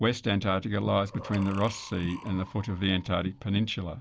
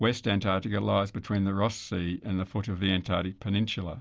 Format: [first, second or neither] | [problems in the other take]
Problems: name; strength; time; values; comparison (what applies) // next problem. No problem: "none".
second | background sound (Breathing); 15 dB below the speech